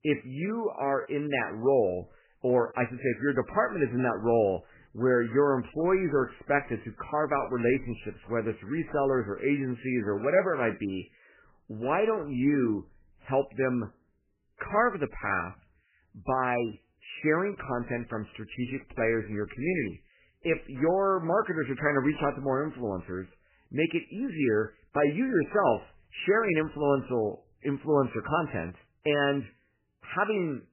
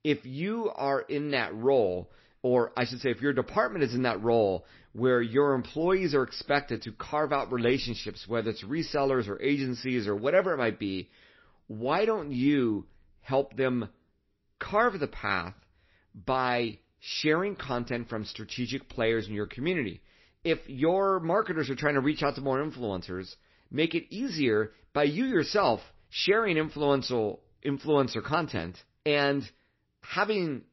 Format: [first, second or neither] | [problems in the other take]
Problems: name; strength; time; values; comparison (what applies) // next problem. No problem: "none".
second | garbled, watery; badly; nothing above 3 kHz; slightly in the second